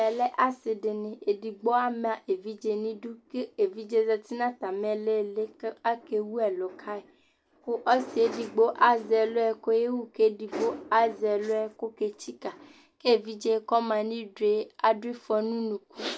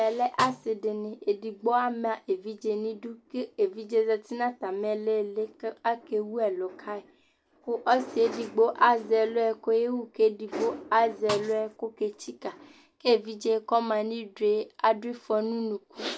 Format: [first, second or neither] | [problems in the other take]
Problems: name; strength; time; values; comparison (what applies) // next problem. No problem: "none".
first | background sound (Snare drum); 12 dB below the speech